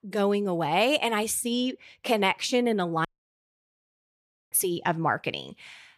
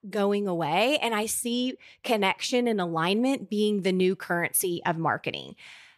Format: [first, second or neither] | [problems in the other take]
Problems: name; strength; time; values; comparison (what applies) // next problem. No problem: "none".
second | audio cutting out; at 3 s for 1.5 s